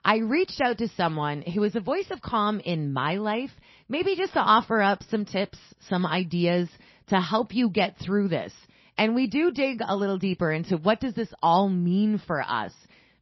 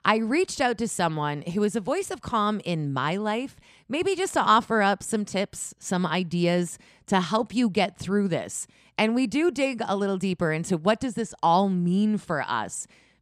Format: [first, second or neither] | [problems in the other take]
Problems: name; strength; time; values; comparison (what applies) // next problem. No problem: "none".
second | garbled, watery; slightly; nothing above 5.5 kHz